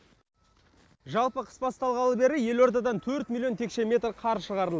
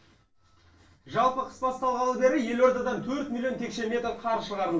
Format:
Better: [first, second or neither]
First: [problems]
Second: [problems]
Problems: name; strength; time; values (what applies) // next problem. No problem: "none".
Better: first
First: none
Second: room echo; dies away in 0.3 s